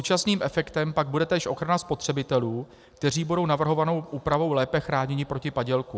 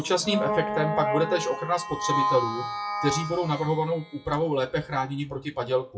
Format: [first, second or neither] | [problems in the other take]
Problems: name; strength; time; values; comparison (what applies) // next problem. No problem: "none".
first | noise reduction (classical method WPE with log-MMSE)